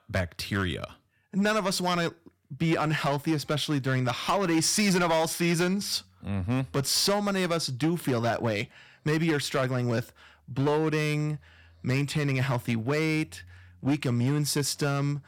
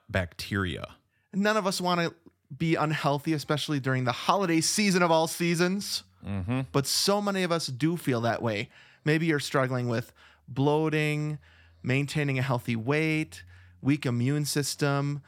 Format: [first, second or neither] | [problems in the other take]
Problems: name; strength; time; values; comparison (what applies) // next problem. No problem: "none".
second | distortion; slight; 7% of the sound clipped